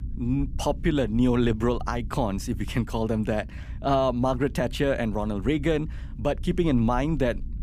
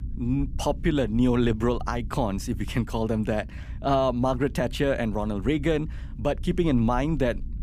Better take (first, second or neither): neither